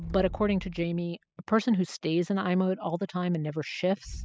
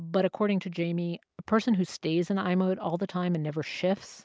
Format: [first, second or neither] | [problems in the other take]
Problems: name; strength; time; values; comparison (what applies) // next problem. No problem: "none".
second | noise reduction (classical method spectral subtraction)